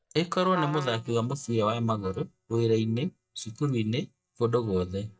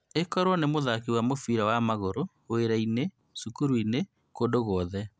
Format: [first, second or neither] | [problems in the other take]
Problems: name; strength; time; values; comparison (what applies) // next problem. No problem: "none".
second | noise reduction (neural mask model DeepFilterNet 3)